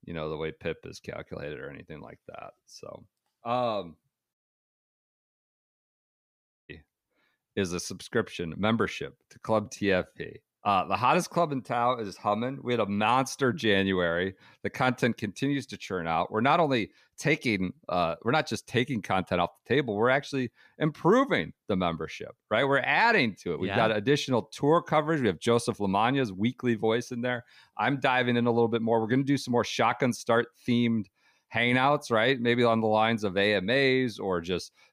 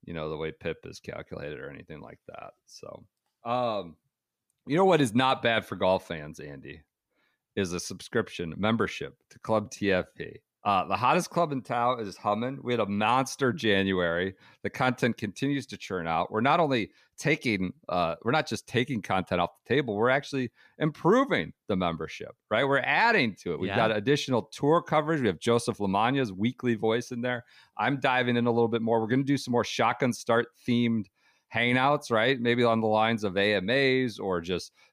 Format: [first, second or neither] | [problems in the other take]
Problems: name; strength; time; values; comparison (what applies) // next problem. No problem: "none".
second | audio cutting out; at 4.5 s for 2.5 s